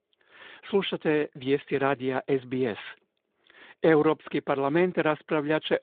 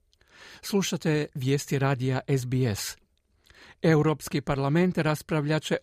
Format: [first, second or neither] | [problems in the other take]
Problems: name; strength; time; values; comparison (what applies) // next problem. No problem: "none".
second | phone-call audio; nothing above 3.5 kHz